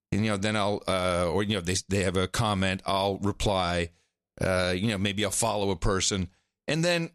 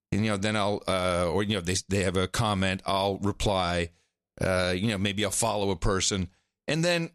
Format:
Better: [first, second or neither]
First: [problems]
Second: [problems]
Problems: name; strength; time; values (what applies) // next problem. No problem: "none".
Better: neither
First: none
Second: none